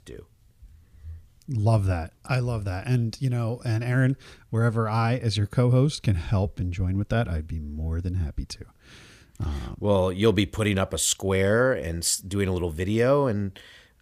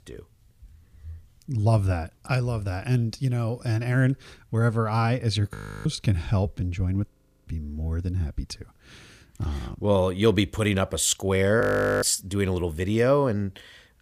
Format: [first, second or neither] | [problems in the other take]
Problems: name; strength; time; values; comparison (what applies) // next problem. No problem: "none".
first | audio freezing; at 5.5 s, at 7 s and at 12 s